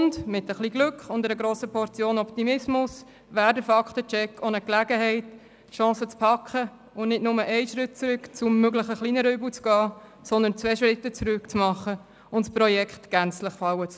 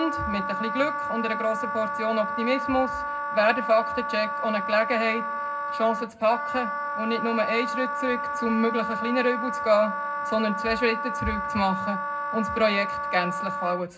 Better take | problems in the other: first | background sound (Wind instrument, woodwind instrument); 3 dB below the speech // room echo; dies away in 0.3 s

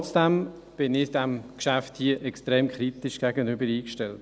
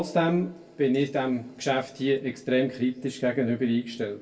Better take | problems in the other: first | room echo; dies away in 0.2 s

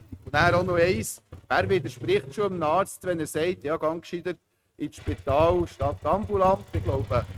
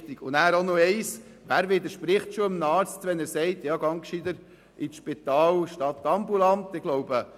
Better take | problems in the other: second | noise reduction (neural mask model RNNoise)

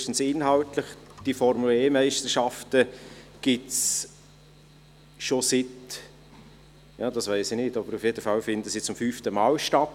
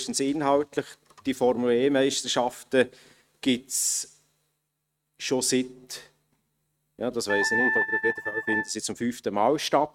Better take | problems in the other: first | noise reduction (neural mask model RNNoise)

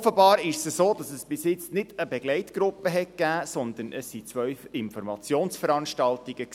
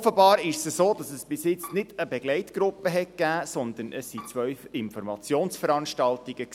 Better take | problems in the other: first | background sound (Bowed string instrument); 18 dB below the speech

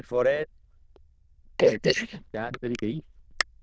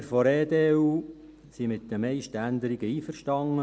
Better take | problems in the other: second | noise reduction (neural diffusion model UNIVERSE++)

